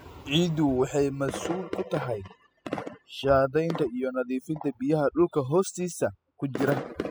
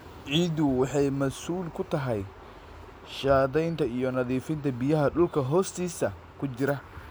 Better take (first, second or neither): second